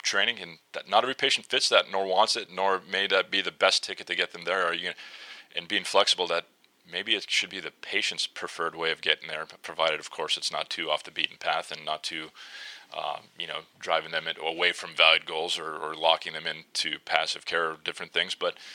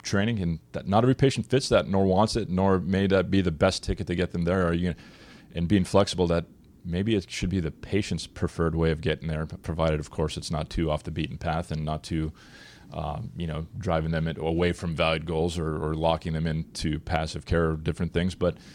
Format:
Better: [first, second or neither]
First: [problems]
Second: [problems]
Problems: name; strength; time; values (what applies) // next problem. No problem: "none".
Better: second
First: thin; very; fading below 750 Hz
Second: none